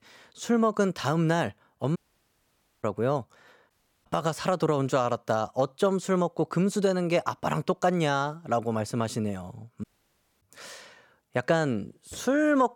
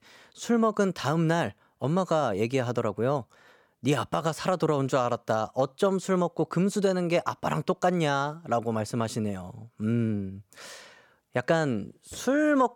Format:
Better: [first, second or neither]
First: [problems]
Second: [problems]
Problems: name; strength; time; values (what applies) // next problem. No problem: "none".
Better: second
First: audio cutting out; at 2 s for 1 s, at 3.5 s and at 10 s for 0.5 s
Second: none